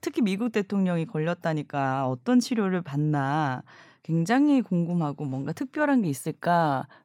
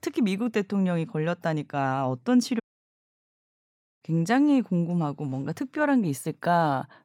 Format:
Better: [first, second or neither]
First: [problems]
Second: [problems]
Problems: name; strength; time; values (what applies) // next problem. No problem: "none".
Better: first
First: none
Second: audio cutting out; at 2.5 s for 1.5 s